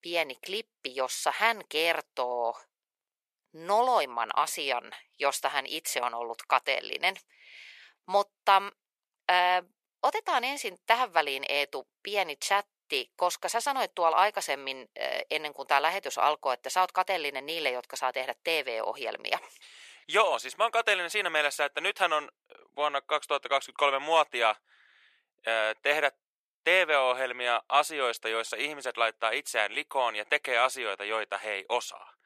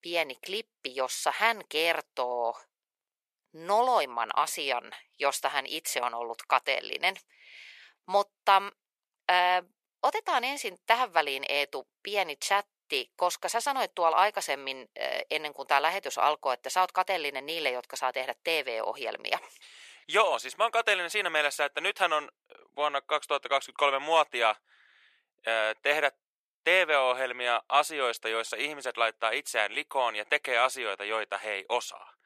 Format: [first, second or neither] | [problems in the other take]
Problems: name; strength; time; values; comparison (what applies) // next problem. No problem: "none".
neither | thin; very; fading below 550 Hz; the same in both